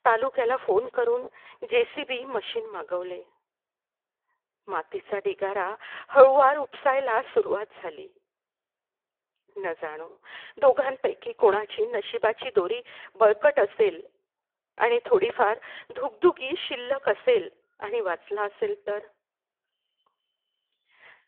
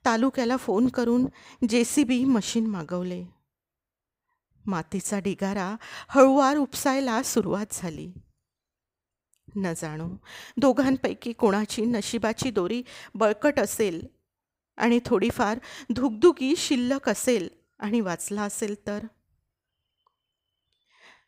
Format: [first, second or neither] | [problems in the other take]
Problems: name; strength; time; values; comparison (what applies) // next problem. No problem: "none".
second | phone-call audio; poor line